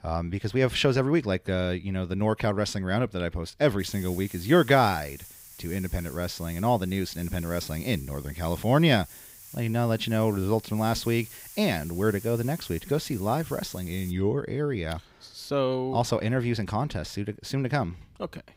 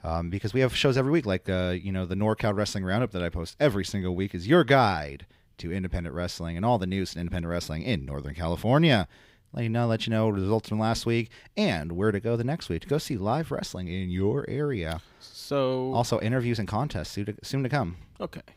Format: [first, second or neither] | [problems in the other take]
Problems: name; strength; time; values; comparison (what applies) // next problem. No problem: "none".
second | hiss; noticeable; from 4 to 14 s; 15 dB below the speech